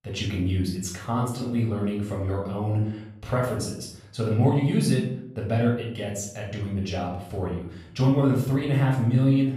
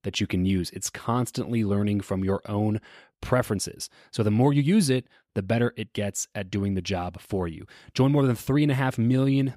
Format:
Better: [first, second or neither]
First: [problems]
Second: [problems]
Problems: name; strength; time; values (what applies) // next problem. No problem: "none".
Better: second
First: off-mic speech; far // room echo; noticeable; dies away in 0.6 s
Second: none